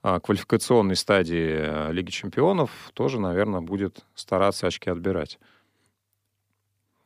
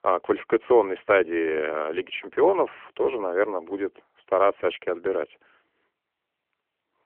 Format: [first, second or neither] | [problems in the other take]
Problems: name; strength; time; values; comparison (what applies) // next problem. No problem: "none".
first | phone-call audio; nothing above 3 kHz